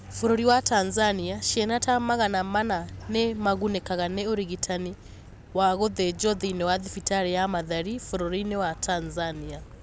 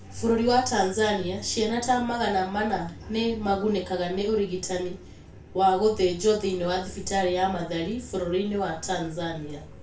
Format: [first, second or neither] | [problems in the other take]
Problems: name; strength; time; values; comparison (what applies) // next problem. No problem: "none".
first | room echo; dies away in 0.3 s